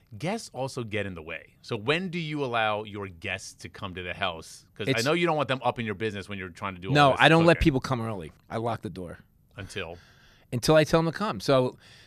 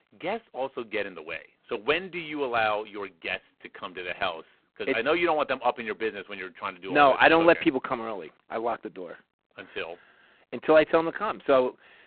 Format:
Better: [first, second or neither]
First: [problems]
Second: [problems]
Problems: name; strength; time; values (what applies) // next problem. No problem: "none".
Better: first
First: none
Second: phone-call audio; poor line; nothing above 4 kHz